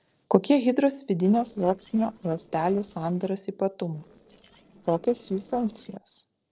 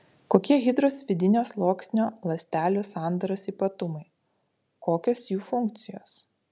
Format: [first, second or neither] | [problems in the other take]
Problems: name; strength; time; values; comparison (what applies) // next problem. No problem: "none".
second | noise reduction (neural separator model SepFormer DNS4)